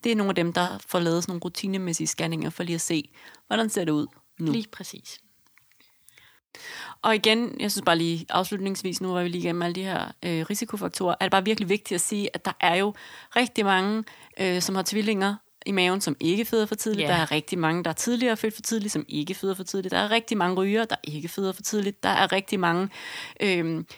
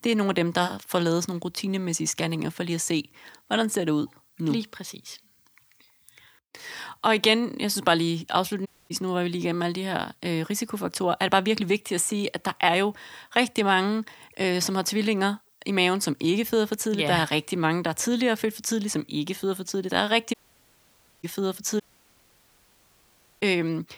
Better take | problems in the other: first | audio cutting out; at 8.5 s, at 20 s for 1 s and at 22 s for 1.5 s

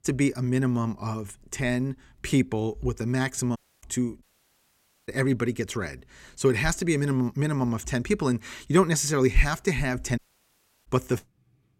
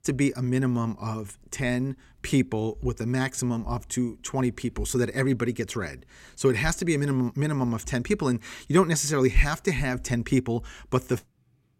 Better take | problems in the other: second | audio cutting out; at 3.5 s, at 4 s for 1 s and at 10 s for 0.5 s

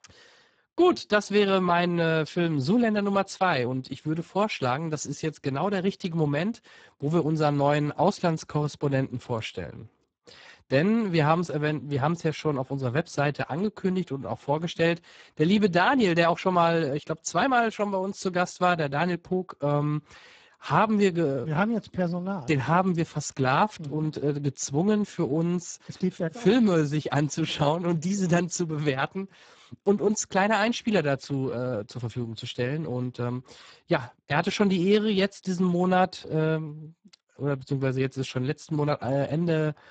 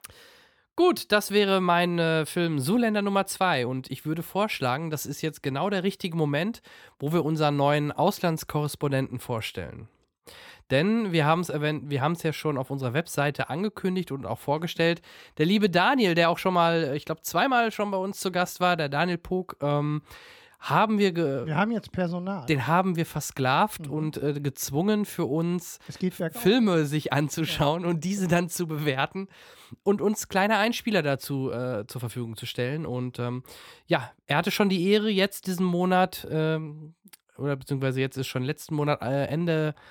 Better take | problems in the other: second | garbled, watery; badly; nothing above 7.5 kHz

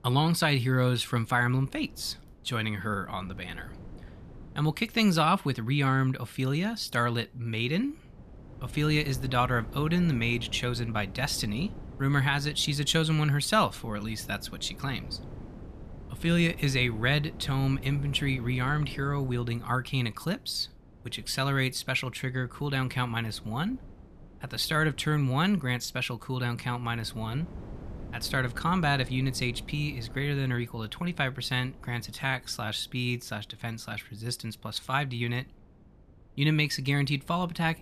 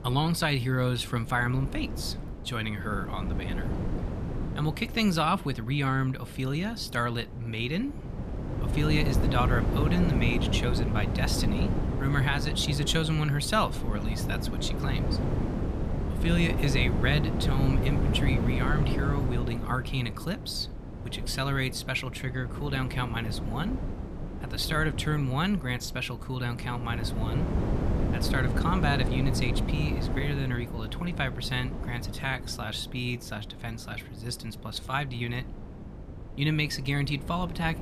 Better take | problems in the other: first | wind noise on the microphone; heavy; 7 dB below the speech; occasional gusts in the first

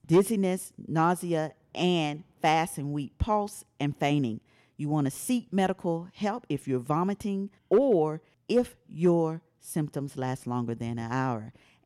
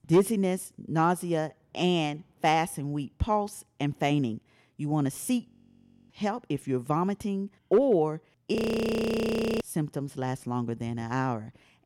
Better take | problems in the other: first | audio freezing; at 5.5 s for 0.5 s and at 8.5 s for 1 s

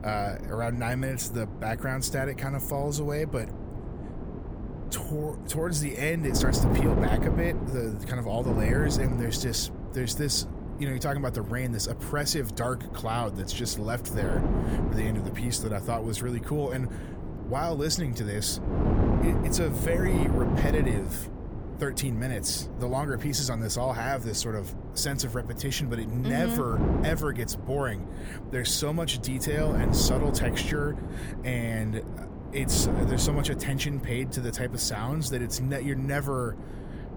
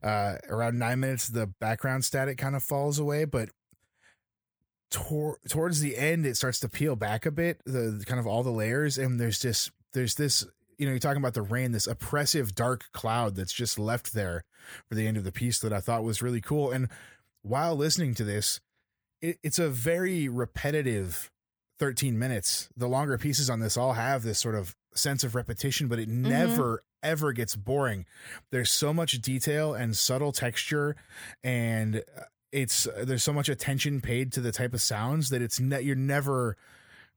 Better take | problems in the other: second | wind noise on the microphone; heavy; 7 dB below the speech

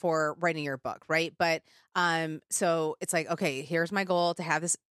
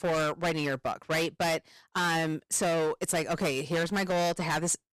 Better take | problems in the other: first | distortion; heavy; 23% of the sound clipped

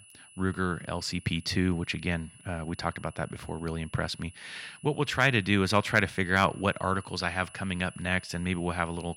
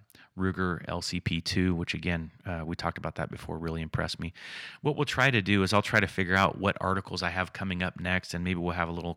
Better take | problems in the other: second | high-pitched whine; faint; throughout; 10 kHz, 20 dB below the speech

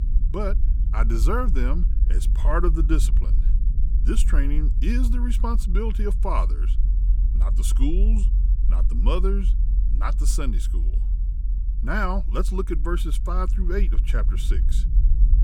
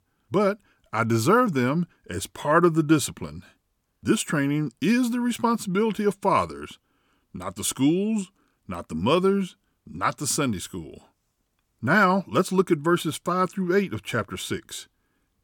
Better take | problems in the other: second | low rumble; noticeable; throughout; 15 dB below the speech

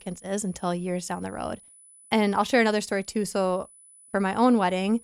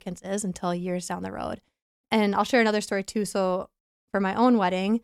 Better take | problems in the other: second | high-pitched whine; faint; throughout; 10 kHz, 25 dB below the speech

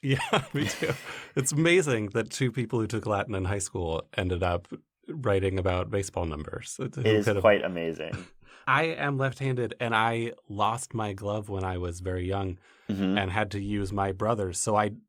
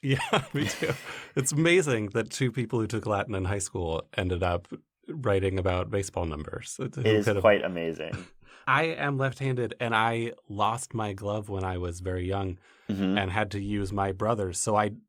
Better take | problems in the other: neither | none

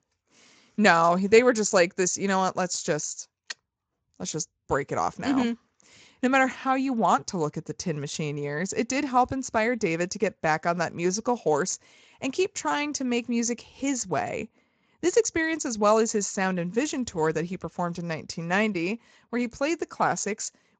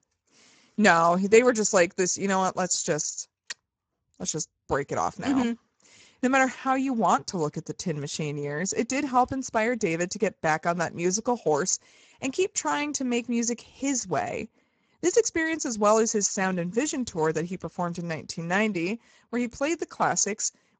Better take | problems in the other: first | garbled, watery; badly; nothing above 7.5 kHz; slightly in the first

